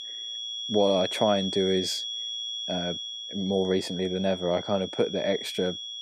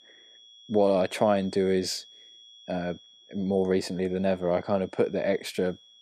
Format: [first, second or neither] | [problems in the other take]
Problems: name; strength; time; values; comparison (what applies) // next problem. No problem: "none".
second | high-pitched whine; loud; throughout; 3.5 kHz, 5 dB below the speech; faint in the second